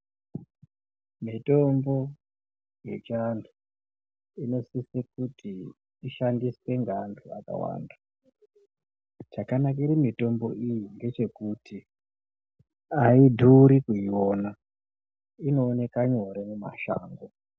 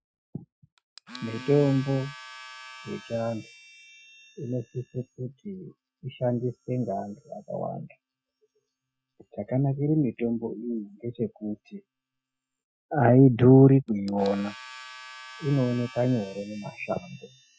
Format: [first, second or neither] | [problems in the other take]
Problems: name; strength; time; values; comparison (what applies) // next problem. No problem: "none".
first | noise reduction (classical method Wiener filter)